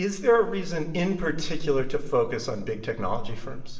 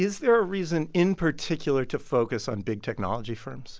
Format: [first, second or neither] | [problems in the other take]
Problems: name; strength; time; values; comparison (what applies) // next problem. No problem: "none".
second | room echo; dies away in 0.8 s